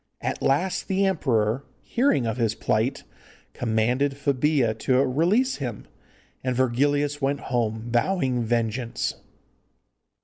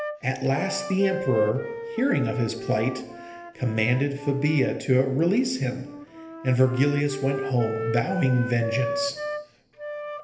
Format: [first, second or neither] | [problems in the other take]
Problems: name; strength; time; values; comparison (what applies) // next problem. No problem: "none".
first | background sound (Wind instrument, woodwind instrument); 9 dB below the speech // room echo; dies away in 1.4 s